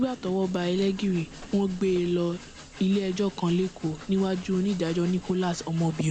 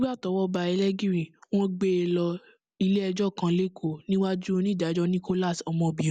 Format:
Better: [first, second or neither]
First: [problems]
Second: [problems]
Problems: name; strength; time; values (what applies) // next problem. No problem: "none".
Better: second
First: background sound (Train); 18 dB below the speech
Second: none